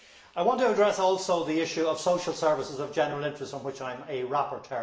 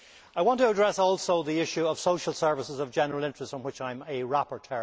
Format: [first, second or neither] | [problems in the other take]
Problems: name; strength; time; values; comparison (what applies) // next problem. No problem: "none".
second | room echo; dies away in 0.7 s